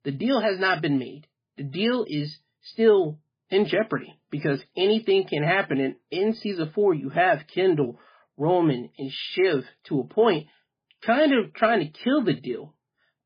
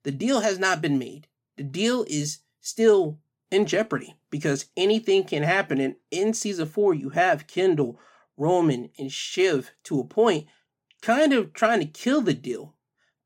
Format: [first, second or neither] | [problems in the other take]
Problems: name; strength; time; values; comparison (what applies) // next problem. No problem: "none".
second | garbled, watery; badly